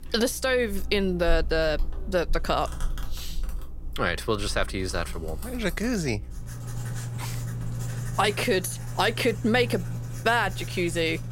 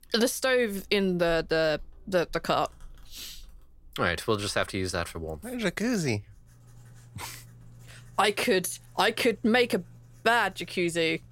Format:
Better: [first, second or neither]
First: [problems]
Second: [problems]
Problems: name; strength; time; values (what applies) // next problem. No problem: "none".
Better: second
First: household noises; loud; throughout; 9 dB below the speech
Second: household noises; faint; throughout; 25 dB below the speech